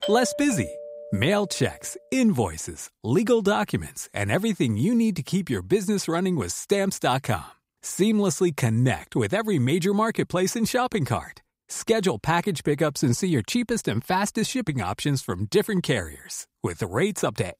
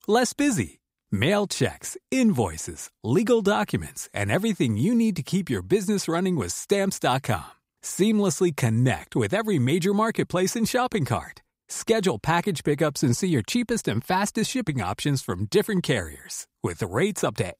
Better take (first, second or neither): second